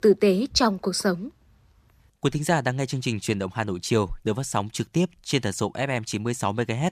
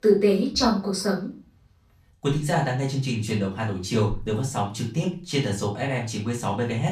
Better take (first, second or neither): first